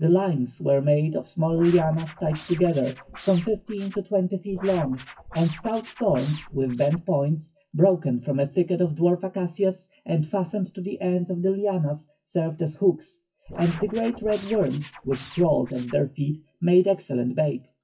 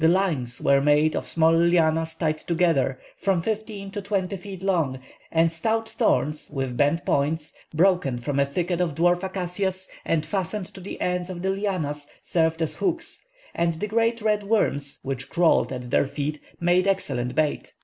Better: second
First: noise reduction (classical method WPE with log-MMSE)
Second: none

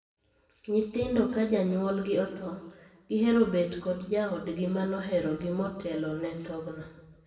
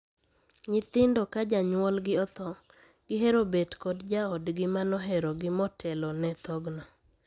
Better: second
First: room echo; dies away in 0.9 s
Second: none

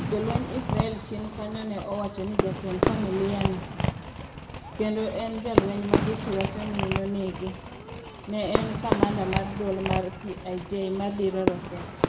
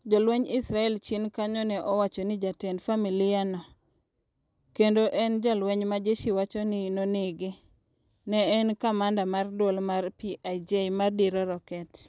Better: second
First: background sound (Fireworks); 1 dB above the speech // room echo; dies away in 0.8 s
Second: none

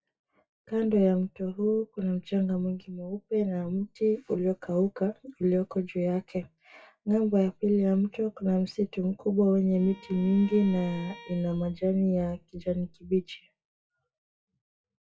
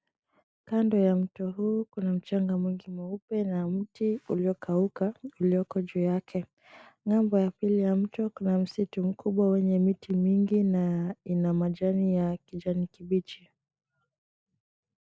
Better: second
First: noise reduction (classical method WPE with log-MMSE)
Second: none

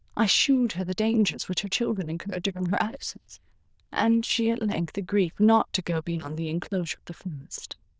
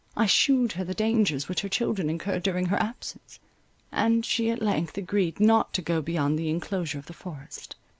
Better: second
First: noise reduction (neural diffusion model UNIVERSE++)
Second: none

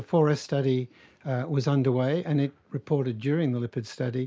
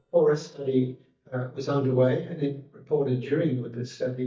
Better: first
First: none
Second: noise reduction (neural mask model DeepFilterNet 3)

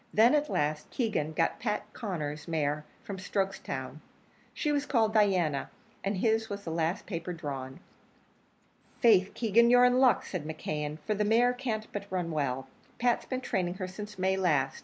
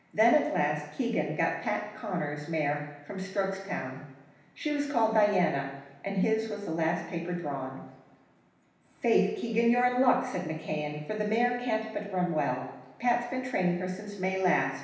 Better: first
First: none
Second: room echo; dies away in 0.9 s

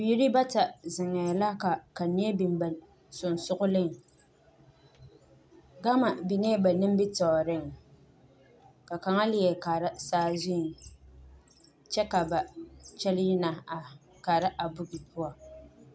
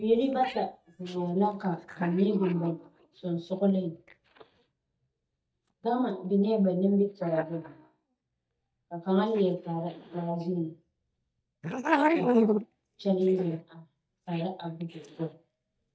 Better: first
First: none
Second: noise reduction (neural mask model DeepFilterNet 3)

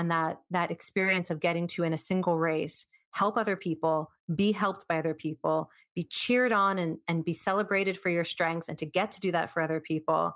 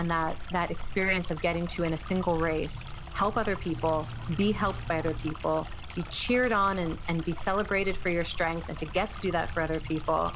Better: first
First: none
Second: background sound (Stream + Engine / Truck); 7 dB below the speech

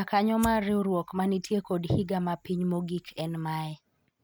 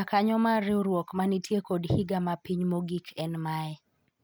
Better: second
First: background sound (Fire); 20 dB below the speech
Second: none

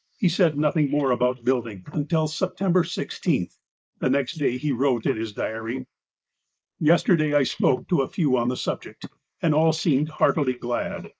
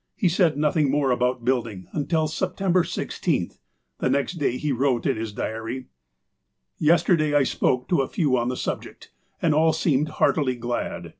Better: second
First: noise reduction (neural mask model Resemble Enhance denoiser)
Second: none

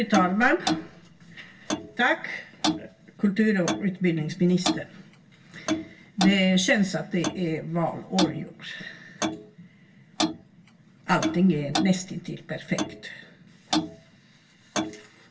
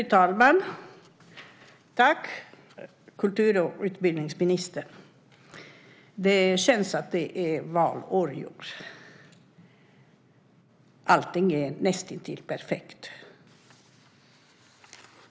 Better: second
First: background sound (Clock); 6 dB below the speech // room echo; dies away in 0.1 s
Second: none

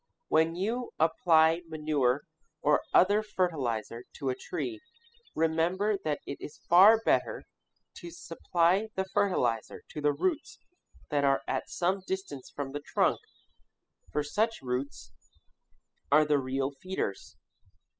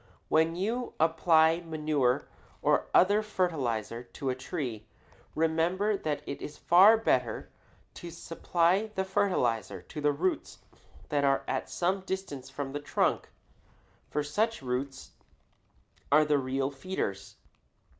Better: second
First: noise reduction (classical method spectral subtraction)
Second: none

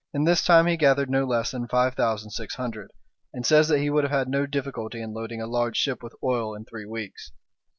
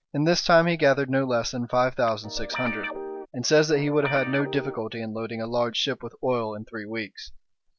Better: first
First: none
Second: background sound (Guitar); 9 dB below the speech

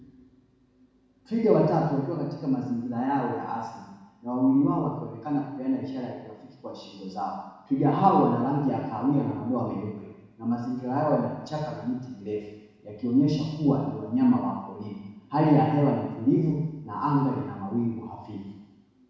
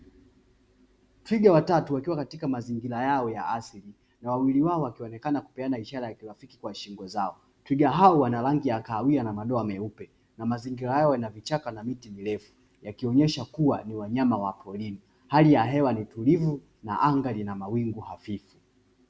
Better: second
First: room echo; dies away in 1.1 s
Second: none

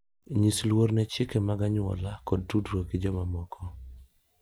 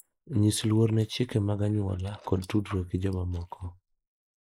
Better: first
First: none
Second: noise reduction (neural mask model Resemble Enhance denoiser)

